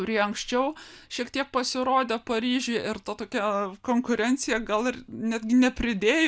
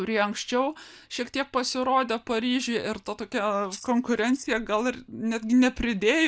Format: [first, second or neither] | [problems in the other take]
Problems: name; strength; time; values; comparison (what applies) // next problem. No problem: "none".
first | noise reduction (neural mask model DeepFilterNet 3)